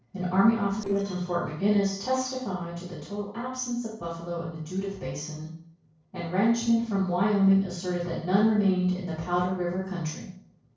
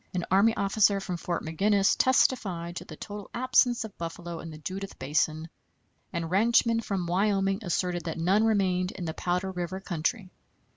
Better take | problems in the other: second | noise reduction (neural separator model SepFormer DNS4)

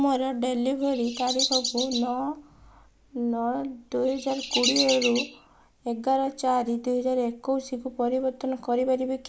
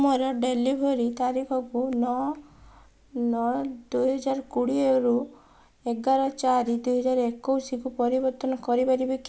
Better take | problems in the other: second | noise reduction (neural mask model Resemble Enhance denoiser)

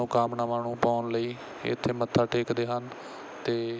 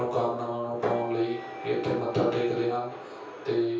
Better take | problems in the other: first | background sound (Wind instrument, woodwind instrument); 15 dB below the speech // room echo; dies away in 0.6 s

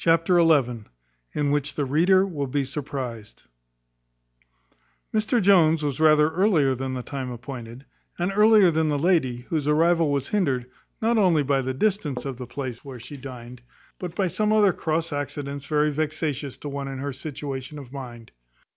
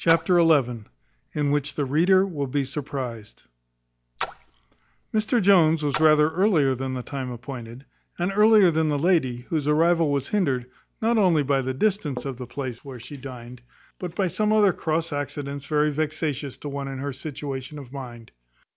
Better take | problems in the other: first | background sound (Splash, splatter); 15 dB below the speech

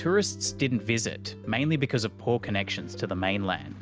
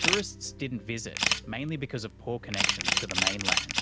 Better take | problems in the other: first | background sound (Camera); 5 dB above the speech

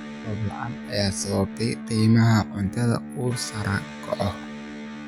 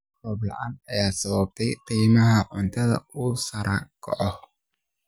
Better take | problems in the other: second | background sound (Electric guitar); 11 dB below the speech

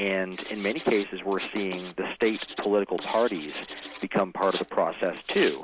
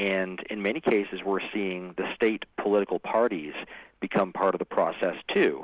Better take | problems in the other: second | background sound (Writing); 14 dB below the speech

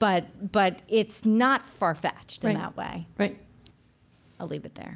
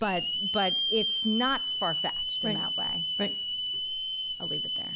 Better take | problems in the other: first | background sound (Hiss / Alarm); 2 dB above the speech

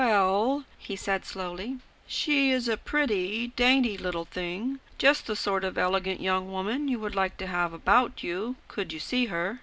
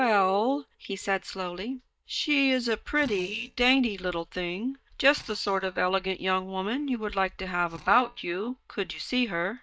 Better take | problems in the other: first | noise reduction (neural mask model DeepFilterNet 3)

